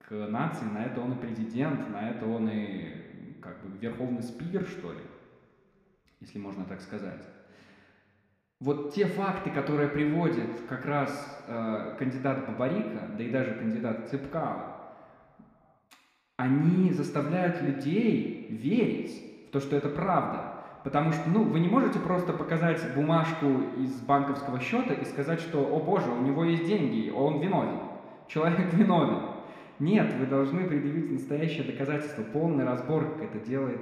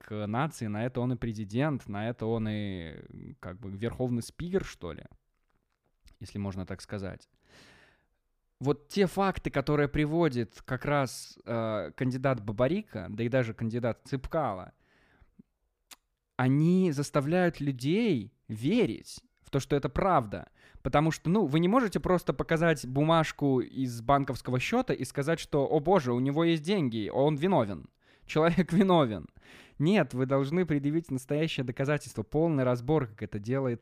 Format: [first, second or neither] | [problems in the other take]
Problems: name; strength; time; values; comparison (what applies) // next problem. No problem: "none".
second | room echo; noticeable; dies away in 1.6 s // off-mic speech; somewhat distant